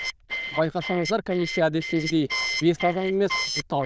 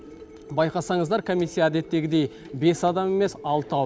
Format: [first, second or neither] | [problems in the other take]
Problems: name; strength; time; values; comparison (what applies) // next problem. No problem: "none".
second | noise reduction (neural diffusion model UNIVERSE++)